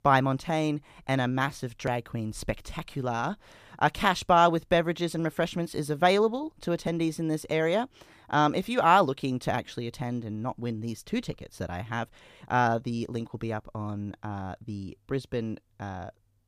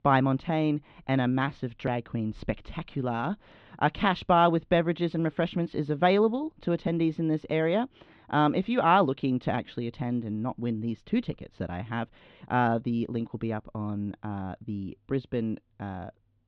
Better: first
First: none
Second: muffled; slightly; fading above 3.5 kHz

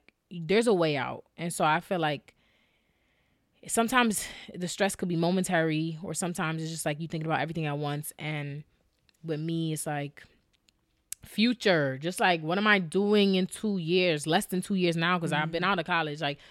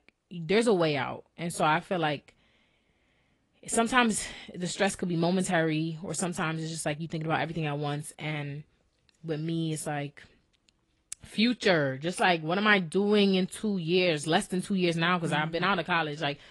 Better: first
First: none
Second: garbled, watery; slightly; nothing above 10.5 kHz

